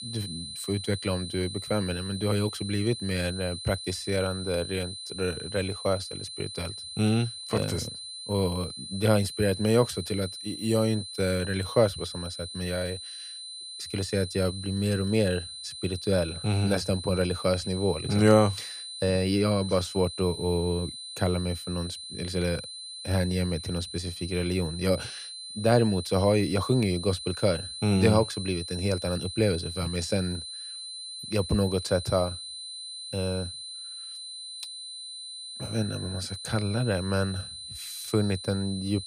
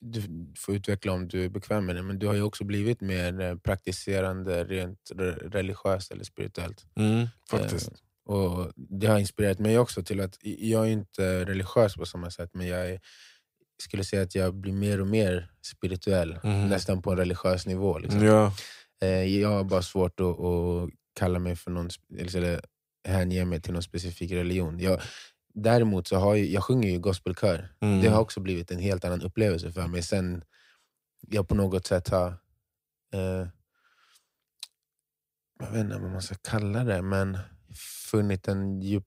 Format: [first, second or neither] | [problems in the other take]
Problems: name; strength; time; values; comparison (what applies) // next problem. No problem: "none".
second | high-pitched whine; loud; throughout; 4 kHz, 9 dB below the speech